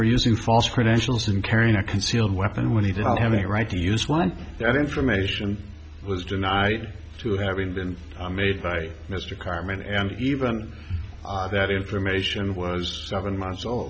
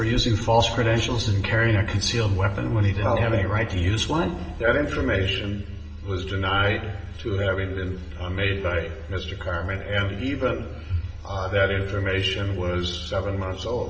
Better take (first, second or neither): first